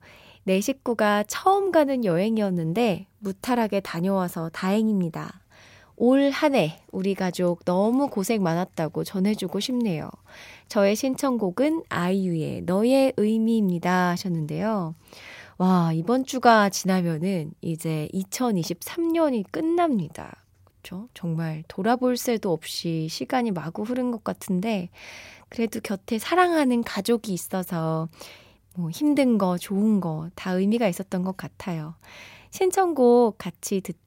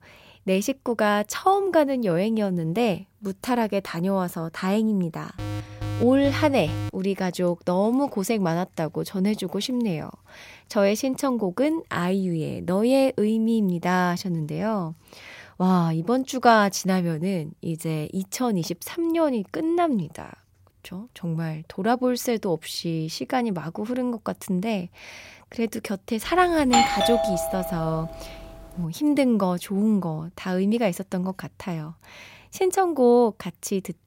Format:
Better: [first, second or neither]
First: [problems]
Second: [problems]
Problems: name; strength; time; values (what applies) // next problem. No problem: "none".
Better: first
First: none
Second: alarm; noticeable; from 5.5 to 7 s; peak 7 dB below the speech // doorbell; loud; from 27 to 28 s; peak 5 dB above the speech